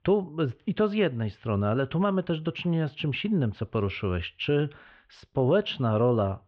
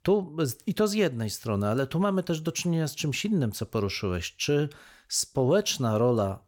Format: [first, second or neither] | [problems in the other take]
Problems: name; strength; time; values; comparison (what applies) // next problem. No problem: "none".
second | muffled; very; fading above 3 kHz